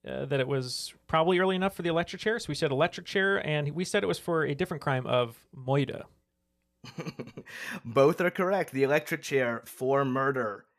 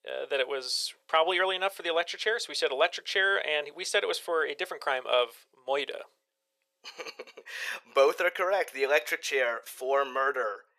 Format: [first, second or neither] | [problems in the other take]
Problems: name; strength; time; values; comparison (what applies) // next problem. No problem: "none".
first | thin; very; fading below 450 Hz